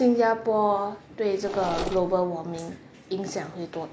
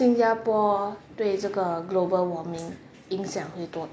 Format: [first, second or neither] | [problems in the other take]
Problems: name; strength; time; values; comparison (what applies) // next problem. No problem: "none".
second | background sound (Mechanisms); 8 dB below the speech